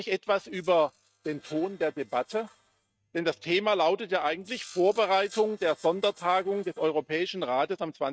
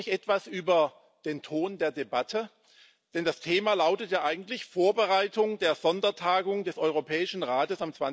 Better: second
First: noise reduction (neural mask model RNNoise)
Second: none

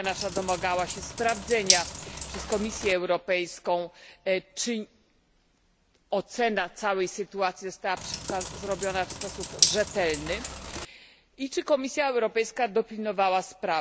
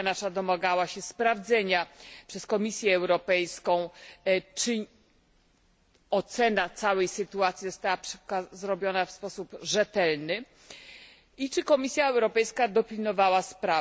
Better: second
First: background sound (Bathtub (filling or washing)); 3 dB below the speech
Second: none

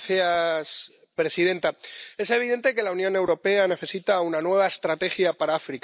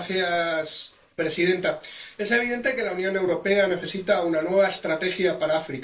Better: first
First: none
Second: noise reduction (neural separator model SepFormer DNS4)

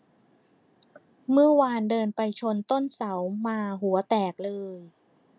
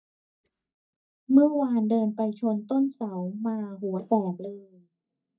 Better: first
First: none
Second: noise reduction (neural mask model DeepFilterNet 3)

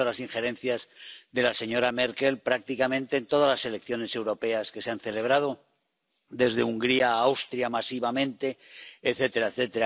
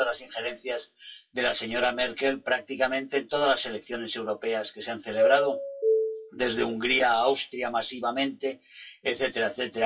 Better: first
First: none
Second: noise reduction (classical method WPE with log-MMSE)

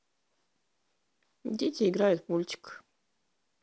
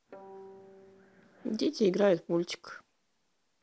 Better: first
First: none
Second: background sound (Guitar); 19 dB below the speech

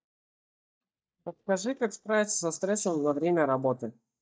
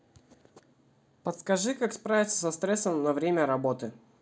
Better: second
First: noise reduction (neural mask model DeepFilterNet 3)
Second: none

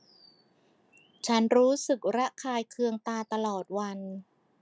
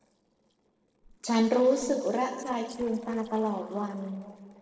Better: first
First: none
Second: noise reduction (neural separator model SepFormer DNS4)

